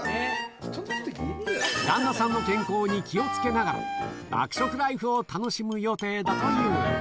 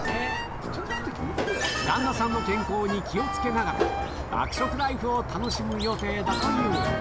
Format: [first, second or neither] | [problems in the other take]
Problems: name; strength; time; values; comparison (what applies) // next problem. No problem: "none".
first | background sound (Squeak); 5 dB below the speech